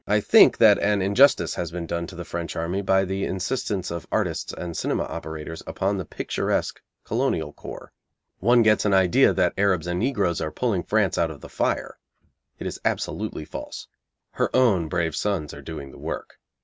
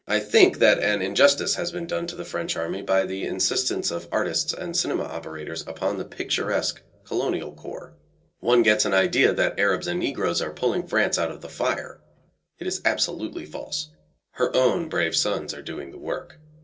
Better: first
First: none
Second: noise reduction (neural separator model SepFormer DNS4)

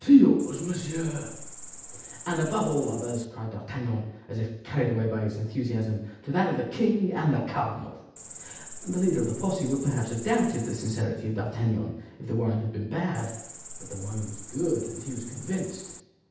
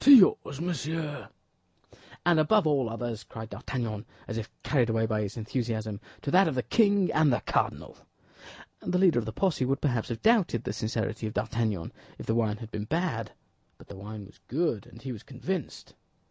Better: second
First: background sound (Cricket); 14 dB below the speech // room echo; dies away in 0.9 s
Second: none

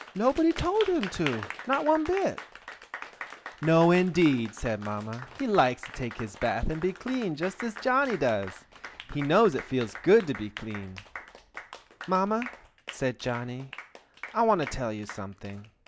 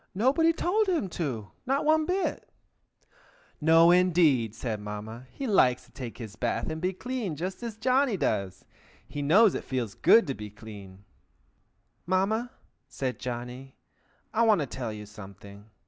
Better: second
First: background sound (Applause); 15 dB below the speech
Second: none

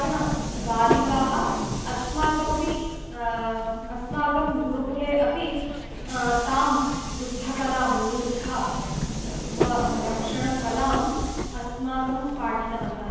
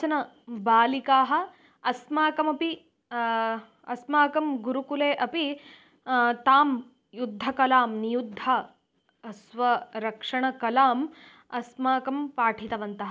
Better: second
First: background sound (Subway, metro, underground); 4 dB below the speech // room echo; dies away in 1.2 s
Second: none

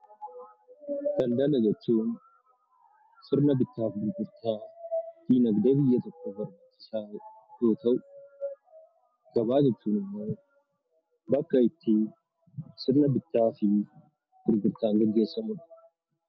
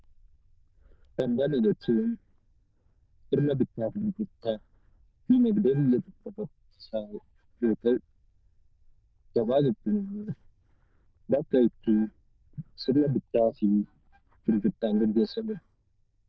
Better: first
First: none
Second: noise reduction (neural diffusion model UNIVERSE++)

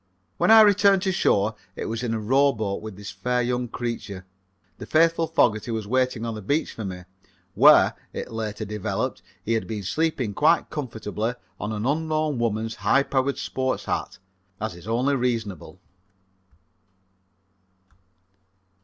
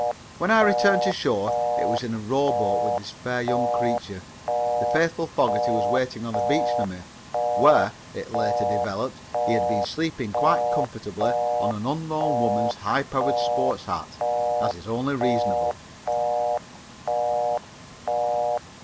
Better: first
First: none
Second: background sound (Telephone); 2 dB above the speech

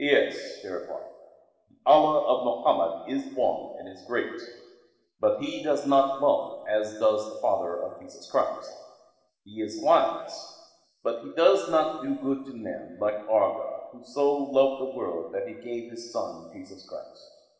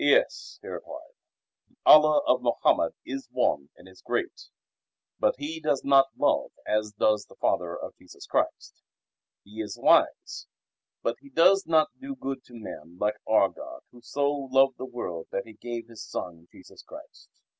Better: second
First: room echo; dies away in 1.4 s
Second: none

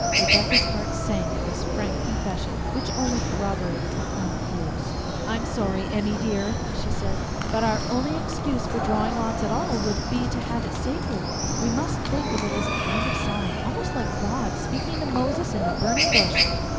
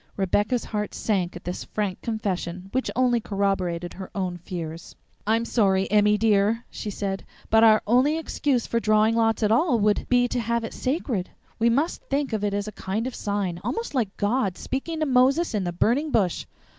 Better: second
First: background sound (Chicken, rooster); 4 dB above the speech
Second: none

